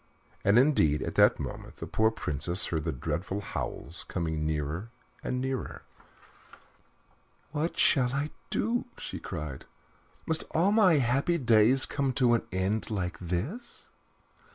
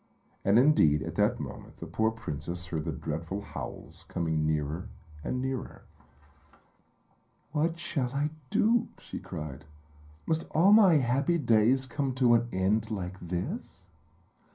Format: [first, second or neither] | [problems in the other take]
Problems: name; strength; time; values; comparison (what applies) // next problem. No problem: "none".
first | room echo; dies away in 0.3 s